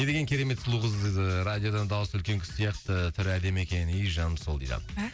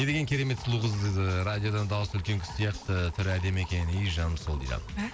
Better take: first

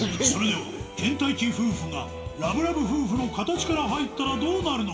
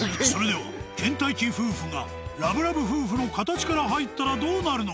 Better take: second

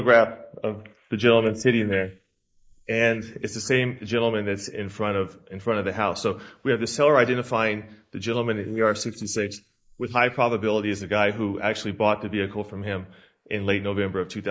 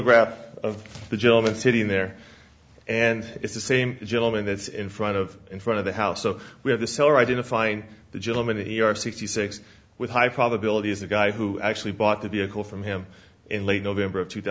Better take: second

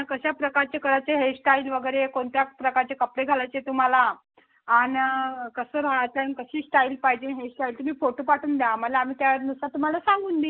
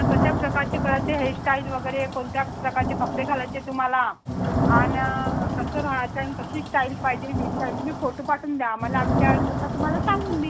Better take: first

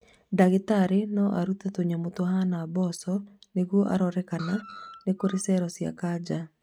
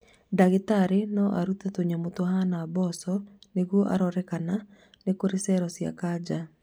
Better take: second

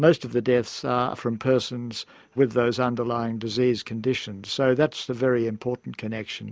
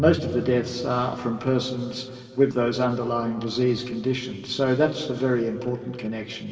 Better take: first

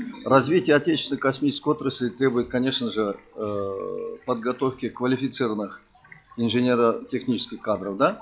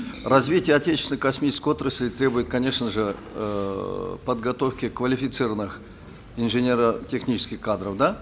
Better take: second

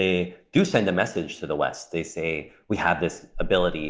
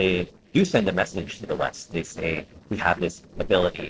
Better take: first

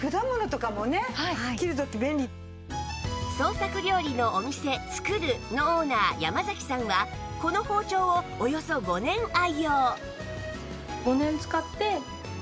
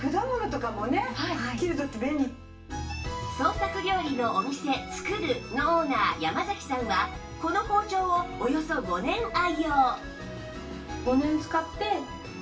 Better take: first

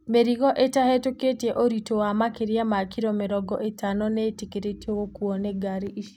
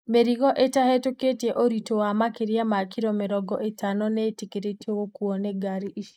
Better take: first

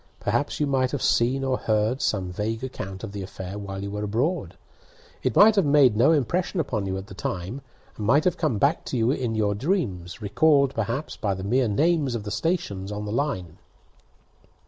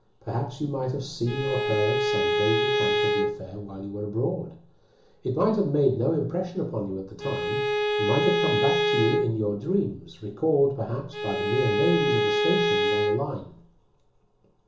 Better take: first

